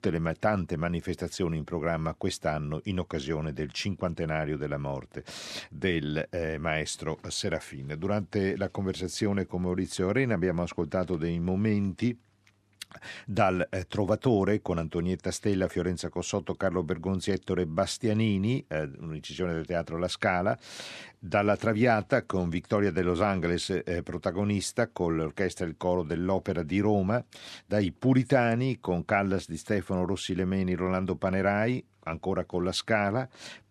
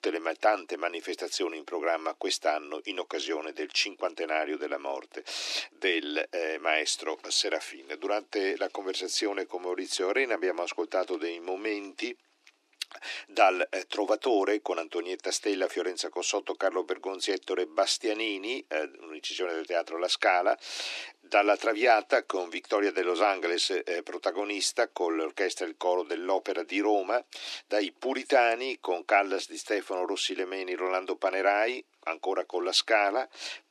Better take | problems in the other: first | thin; very; fading below 300 Hz

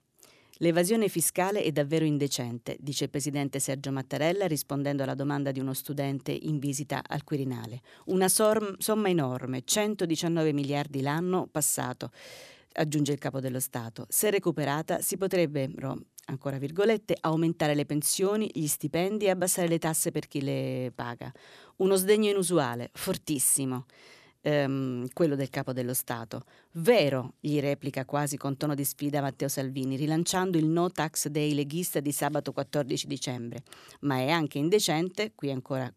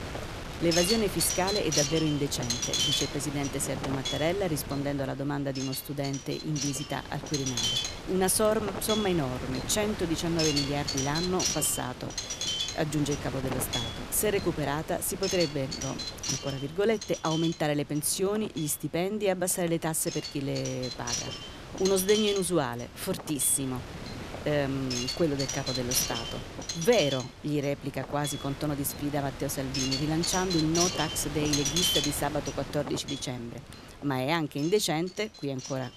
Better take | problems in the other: first | wind noise on the microphone; heavy; 1 dB below the speech

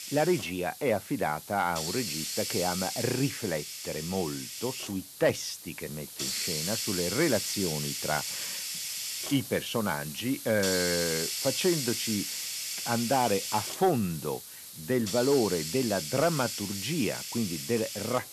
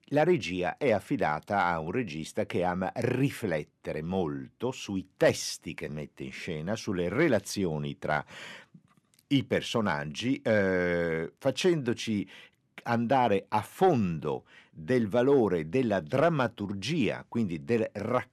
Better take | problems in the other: second | hiss; loud; throughout; 3 dB below the speech

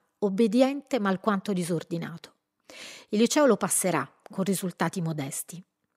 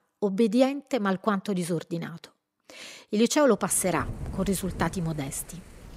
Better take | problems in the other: first | rain or running water; noticeable; from 4 s on; 15 dB below the speech

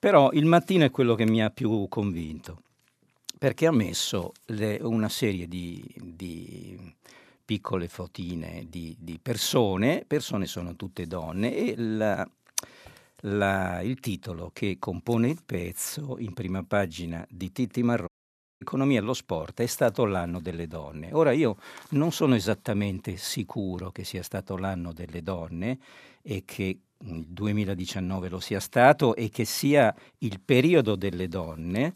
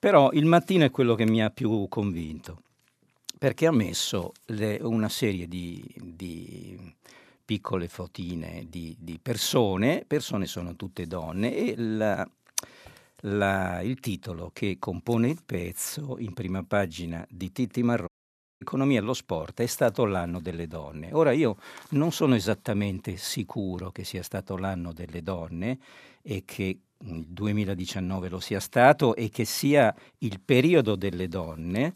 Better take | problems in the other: neither | audio cutting out; at 18 s for 0.5 s; the same in both

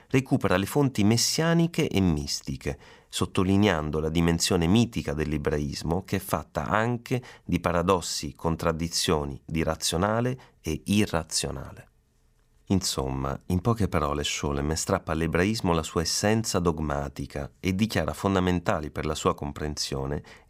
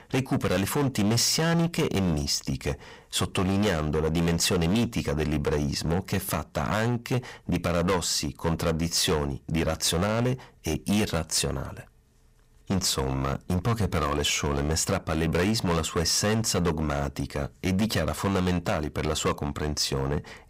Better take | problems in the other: first | distortion; heavy; 15% of the sound clipped

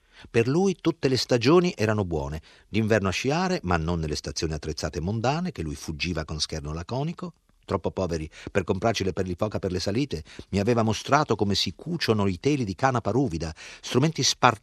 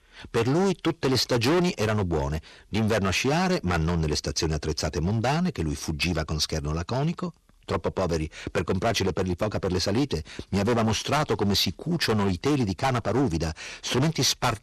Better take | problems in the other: first | distortion; heavy; 13% of the sound clipped

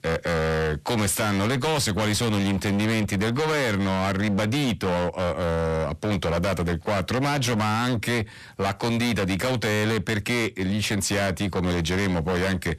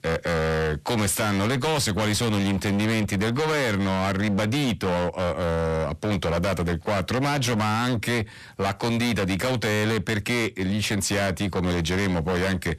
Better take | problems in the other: neither | distortion; heavy; 37% of the sound clipped; the same in both

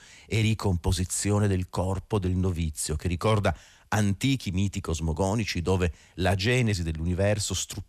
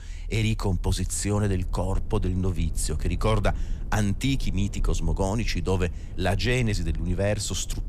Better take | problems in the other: first | low rumble; faint; throughout; 20 dB below the speech

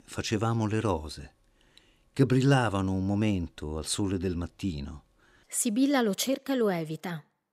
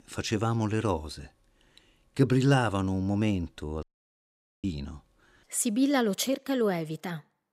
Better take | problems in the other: first | audio cutting out; at 4 s for 1 s

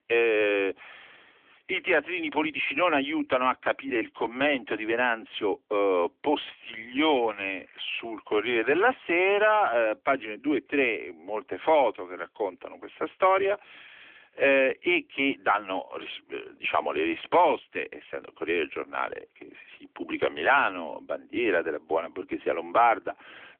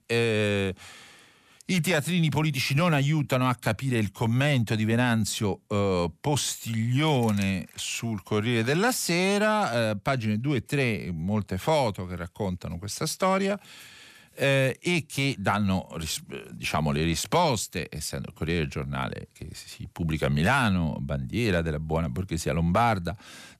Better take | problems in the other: second | phone-call audio; nothing above 3.5 kHz

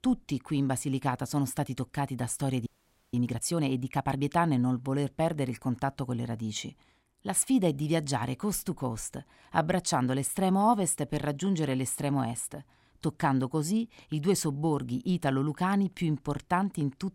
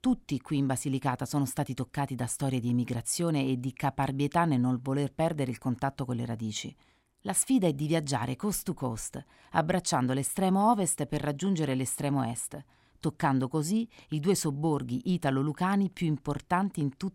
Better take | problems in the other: second | audio freezing; at 2.5 s

